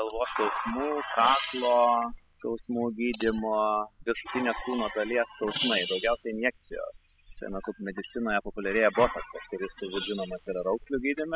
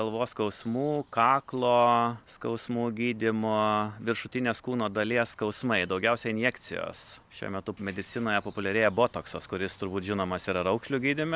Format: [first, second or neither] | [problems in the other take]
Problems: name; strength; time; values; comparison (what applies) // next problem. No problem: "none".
second | noise reduction (classical method spectral subtraction)